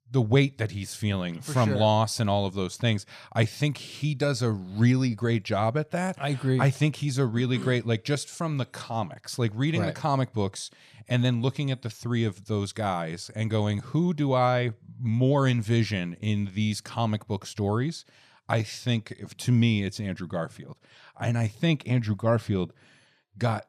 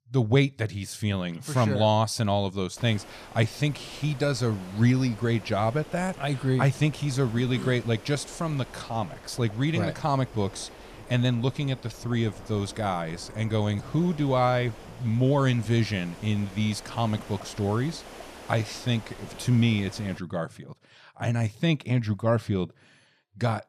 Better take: first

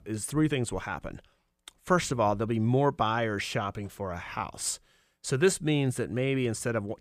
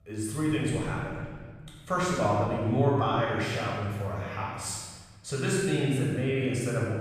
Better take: first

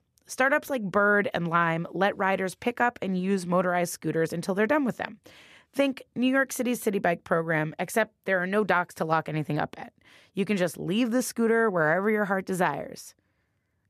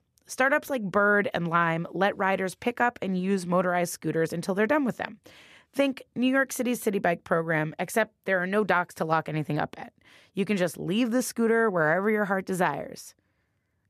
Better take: neither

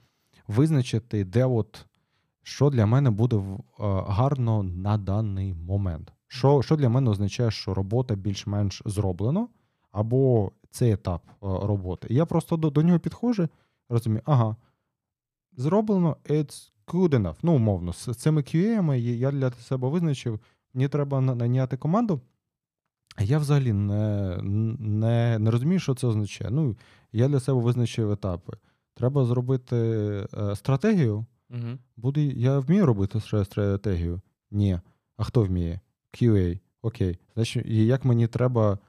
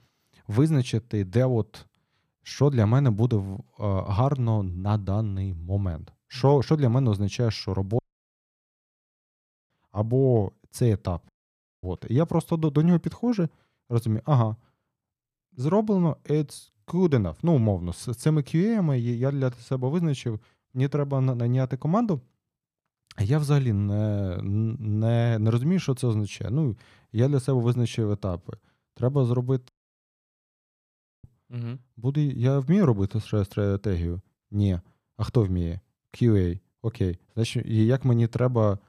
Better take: first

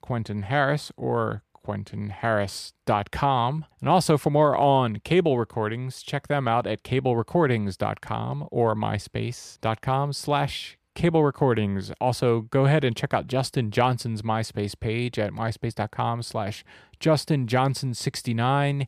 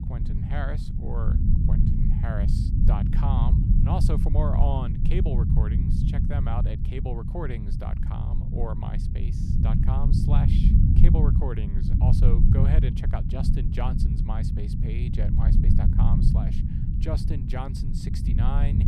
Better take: first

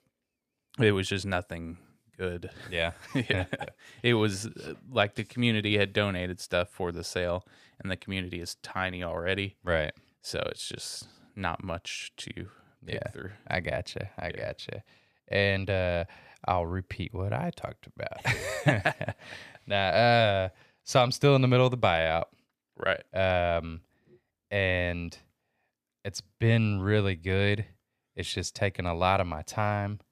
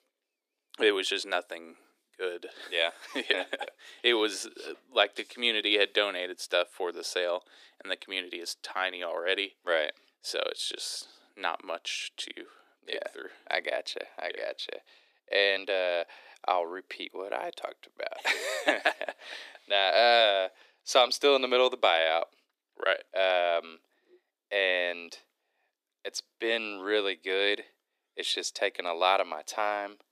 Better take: first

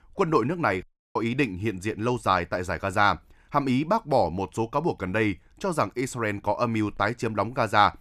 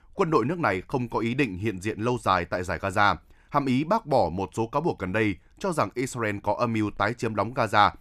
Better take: second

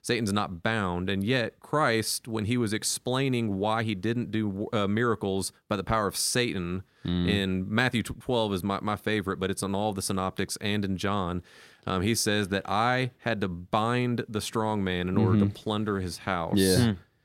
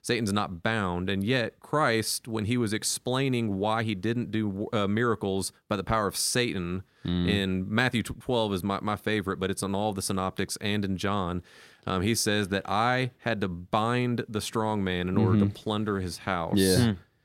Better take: neither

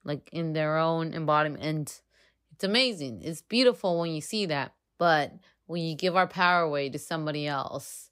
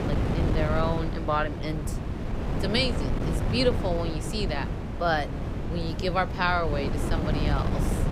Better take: first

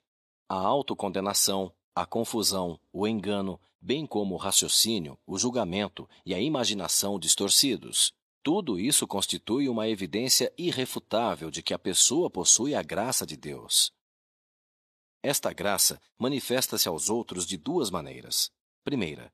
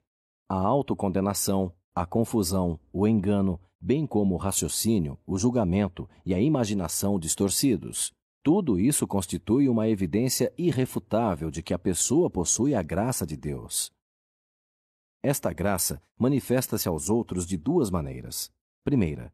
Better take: second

